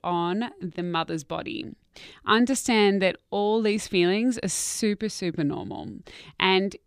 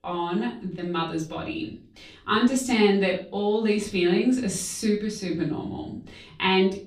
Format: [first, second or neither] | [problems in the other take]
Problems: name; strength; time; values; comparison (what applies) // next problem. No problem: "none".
first | off-mic speech; far // room echo; slight; dies away in 0.4 s